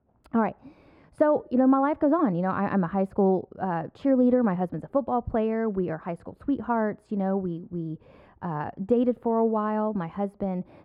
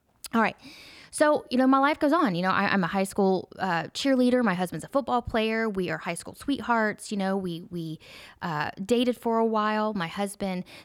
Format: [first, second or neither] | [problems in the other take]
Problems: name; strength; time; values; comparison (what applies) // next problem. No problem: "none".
second | muffled; very; fading above 2 kHz